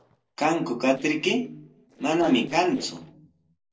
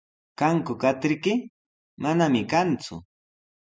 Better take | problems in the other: second | noise reduction (neural separator model SepFormer DNS4)

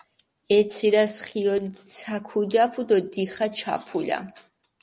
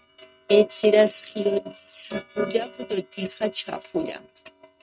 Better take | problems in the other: first | noise reduction (neural mask model RNNoise)

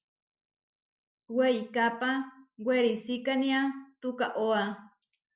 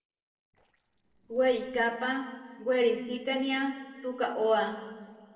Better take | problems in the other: first | noise reduction (neural separator model SepFormer DNS4)

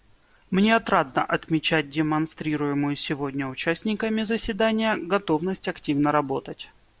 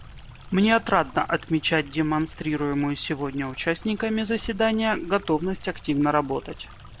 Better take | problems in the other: first | background sound (Stream); 17 dB below the speech

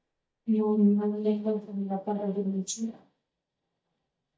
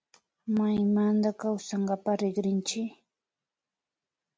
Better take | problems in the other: second | noise reduction (neural mask model DeepFilterNet 3)

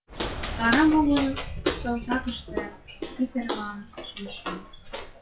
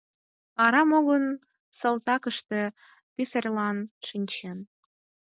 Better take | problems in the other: second | noise reduction (classical method WPE with log-MMSE)

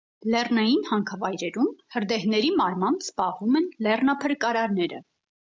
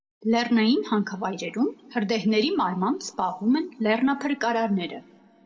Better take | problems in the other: first | room echo; dies away in 1.1 s

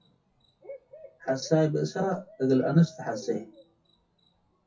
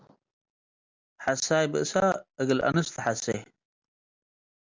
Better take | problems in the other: second | noise reduction (classical method WPE with log-MMSE)

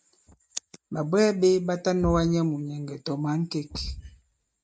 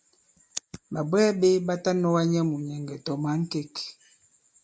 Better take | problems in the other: second | noise reduction (neural mask model RNNoise)

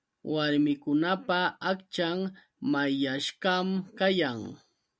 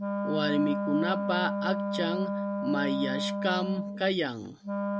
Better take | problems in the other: first | background sound (Wind instrument, woodwind instrument); 1 dB below the speech

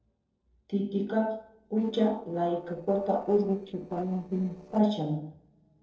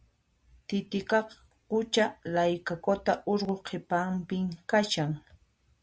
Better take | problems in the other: second | noise reduction (neural separator model SepFormer DNS4)

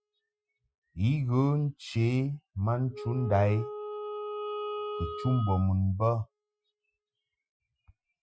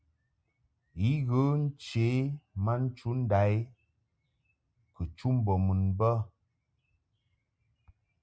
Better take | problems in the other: second | noise reduction (classical method Wiener filter)

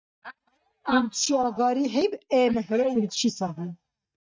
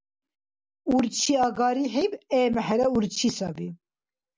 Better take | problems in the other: second | noise reduction (neural mask model DeepFilterNet 3)

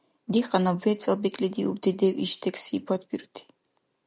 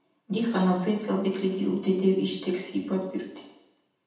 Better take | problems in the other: first | room echo; dies away in 0.9 s

